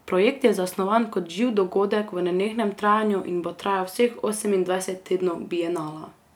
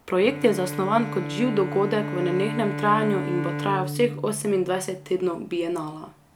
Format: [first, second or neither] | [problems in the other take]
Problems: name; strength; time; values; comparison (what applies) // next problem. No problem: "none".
first | background sound (Bowed string instrument); 7 dB below the speech